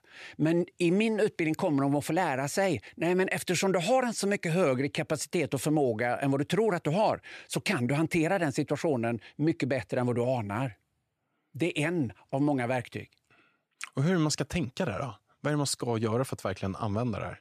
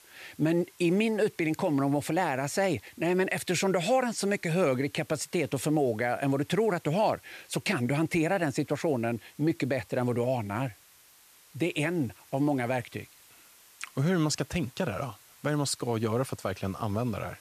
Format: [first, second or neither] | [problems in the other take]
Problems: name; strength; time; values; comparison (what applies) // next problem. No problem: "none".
first | hiss; faint; throughout; 25 dB below the speech